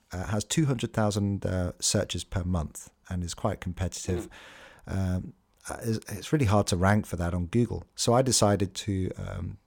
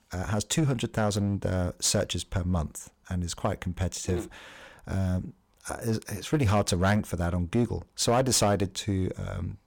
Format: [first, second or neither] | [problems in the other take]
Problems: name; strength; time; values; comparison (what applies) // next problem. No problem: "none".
first | distortion; slight; 5% of the sound clipped